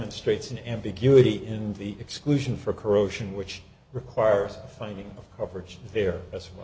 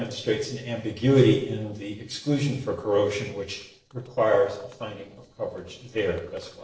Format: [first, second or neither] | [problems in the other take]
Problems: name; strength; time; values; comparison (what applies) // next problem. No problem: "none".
first | noise reduction (neural separator model SepFormer DNS4)